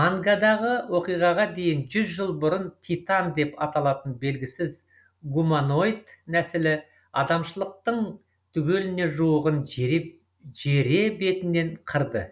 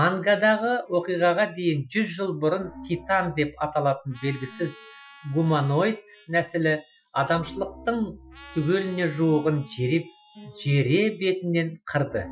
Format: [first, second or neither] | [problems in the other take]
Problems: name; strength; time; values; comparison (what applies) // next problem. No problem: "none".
first | noise reduction (classical method Wiener filter)